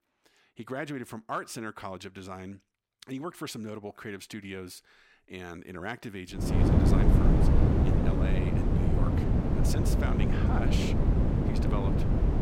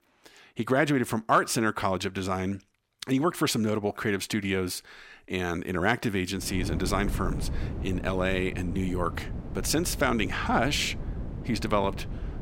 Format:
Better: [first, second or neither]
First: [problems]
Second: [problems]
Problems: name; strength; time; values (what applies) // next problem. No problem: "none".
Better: second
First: wind noise on the microphone; heavy; from 6.5 s on; 5 dB above the speech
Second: wind noise on the microphone; occasional gusts; from 6.5 s on; 15 dB below the speech